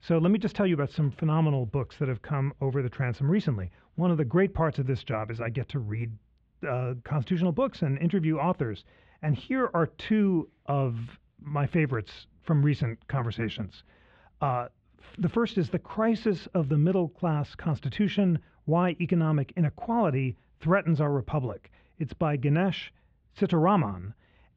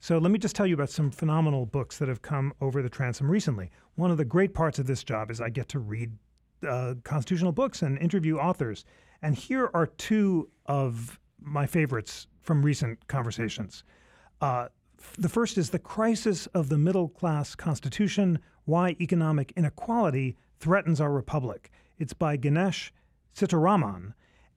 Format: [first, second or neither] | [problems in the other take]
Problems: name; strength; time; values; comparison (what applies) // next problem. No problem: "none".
second | muffled; slightly; fading above 3.5 kHz